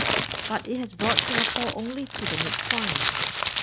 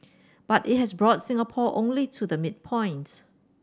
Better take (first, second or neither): second